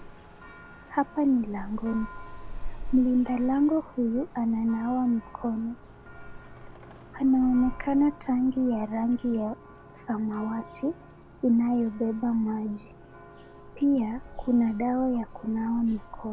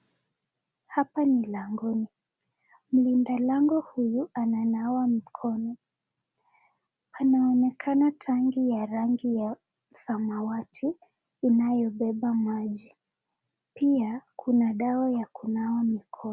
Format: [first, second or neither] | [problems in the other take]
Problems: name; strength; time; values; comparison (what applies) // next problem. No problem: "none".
second | background sound (Church bell); 13 dB below the speech